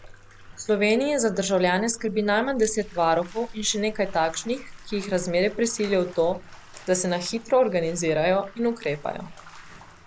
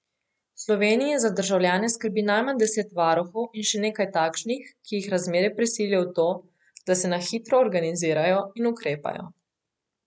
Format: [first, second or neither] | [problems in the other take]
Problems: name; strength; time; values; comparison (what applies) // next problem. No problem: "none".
second | background sound (Bathtub (filling or washing)); 17 dB below the speech